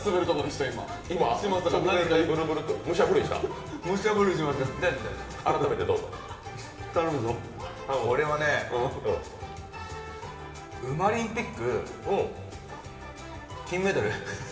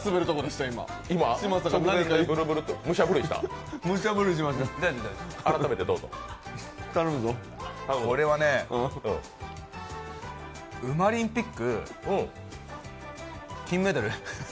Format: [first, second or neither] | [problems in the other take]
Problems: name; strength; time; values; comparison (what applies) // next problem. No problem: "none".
second | room echo; dies away in 2.5 s